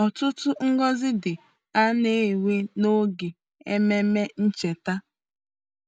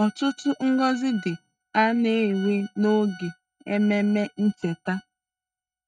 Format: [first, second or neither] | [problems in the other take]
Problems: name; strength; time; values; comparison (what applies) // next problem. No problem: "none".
first | noise reduction (neural mask model RNNoise)